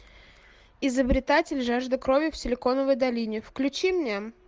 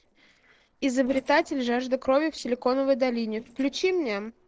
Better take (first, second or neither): first